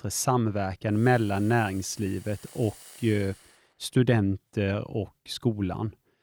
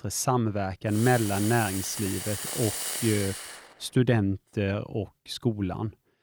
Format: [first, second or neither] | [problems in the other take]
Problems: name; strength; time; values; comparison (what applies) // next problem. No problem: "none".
first | hiss; loud; from 1 to 4.5 s; 4 dB below the speech; faint in the first